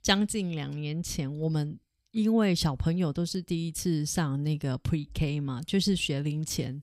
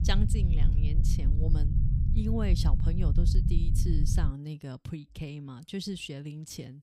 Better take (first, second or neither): first